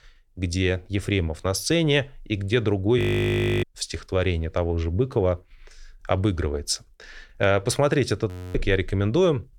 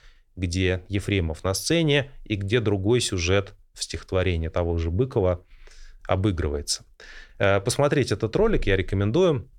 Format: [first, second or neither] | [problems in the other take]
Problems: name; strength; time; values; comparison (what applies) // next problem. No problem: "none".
second | audio freezing; at 3 s for 0.5 s and at 8.5 s